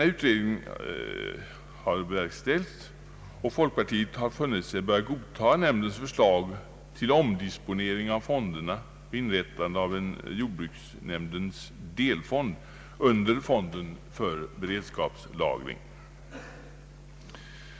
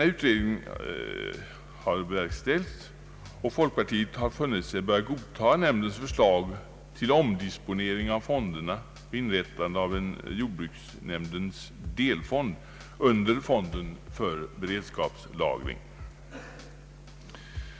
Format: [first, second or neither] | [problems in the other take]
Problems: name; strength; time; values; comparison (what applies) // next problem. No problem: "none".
first | background sound (Drum kit); 17 dB below the speech